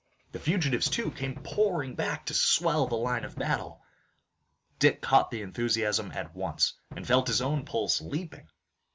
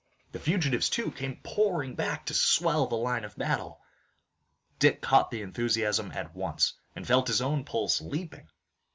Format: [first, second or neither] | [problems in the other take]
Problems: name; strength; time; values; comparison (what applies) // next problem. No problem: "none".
second | background sound (Knock); 15 dB below the speech